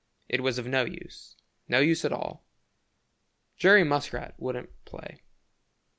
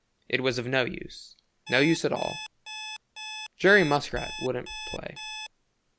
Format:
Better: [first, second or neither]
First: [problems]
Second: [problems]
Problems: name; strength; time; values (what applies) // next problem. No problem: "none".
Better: first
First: none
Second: background sound (Alarm); 11 dB below the speech